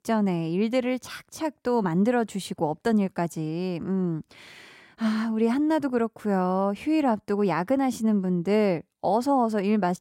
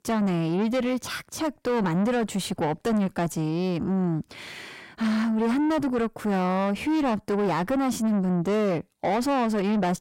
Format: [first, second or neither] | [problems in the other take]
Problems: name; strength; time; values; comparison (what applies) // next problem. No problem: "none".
first | distortion; heavy; 7 dB below the speech